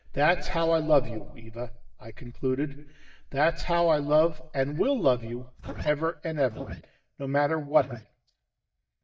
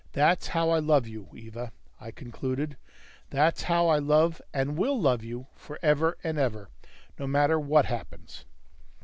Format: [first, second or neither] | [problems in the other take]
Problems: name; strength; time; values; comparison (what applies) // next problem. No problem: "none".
second | noise reduction (neural mask model DeepFilterNet 3)